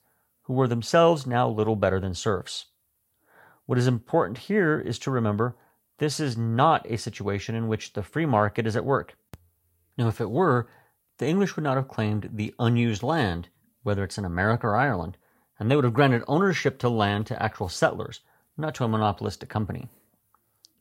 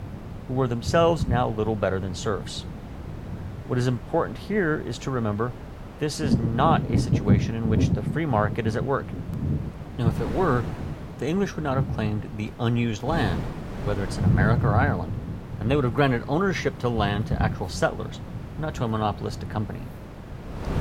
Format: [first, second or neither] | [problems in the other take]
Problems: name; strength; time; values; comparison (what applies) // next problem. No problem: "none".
first | wind noise on the microphone; occasional gusts; 10 dB below the speech